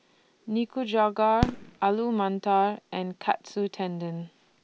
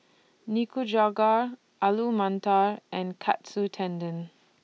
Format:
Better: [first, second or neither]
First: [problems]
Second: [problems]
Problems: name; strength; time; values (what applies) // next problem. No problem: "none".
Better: second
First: background sound (Fireworks); 12 dB below the speech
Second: none